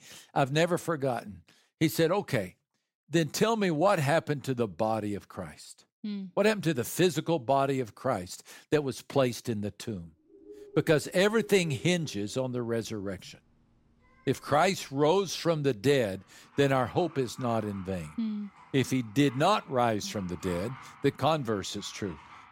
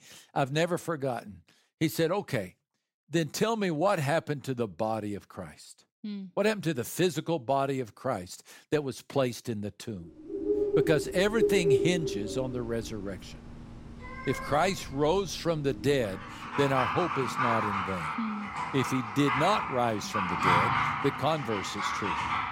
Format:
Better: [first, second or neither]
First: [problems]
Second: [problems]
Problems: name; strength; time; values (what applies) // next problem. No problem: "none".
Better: first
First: animal sounds; faint; from 10 s on; 25 dB below the speech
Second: animal sounds; loud; from 10 s on; 1 dB below the speech